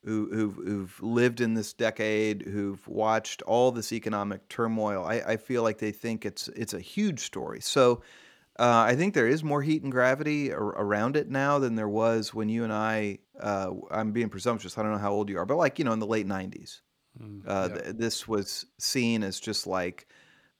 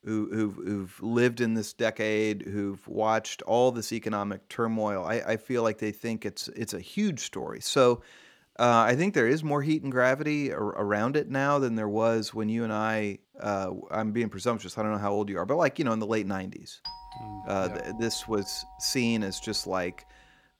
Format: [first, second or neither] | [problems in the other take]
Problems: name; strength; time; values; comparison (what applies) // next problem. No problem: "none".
first | doorbell; faint; from 17 to 20 s; peak 10 dB below the speech